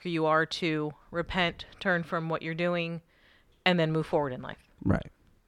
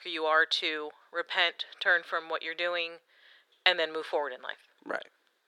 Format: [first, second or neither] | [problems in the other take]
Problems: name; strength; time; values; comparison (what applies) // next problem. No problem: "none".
first | thin; very; fading below 400 Hz